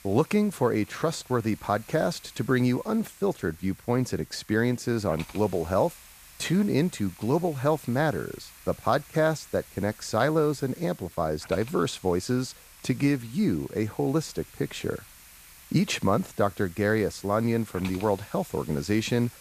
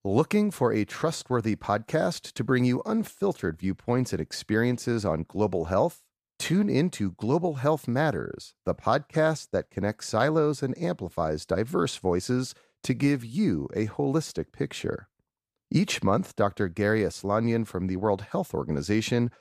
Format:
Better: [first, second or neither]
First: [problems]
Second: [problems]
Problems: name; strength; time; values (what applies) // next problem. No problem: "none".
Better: second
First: hiss; faint; throughout; 20 dB below the speech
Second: none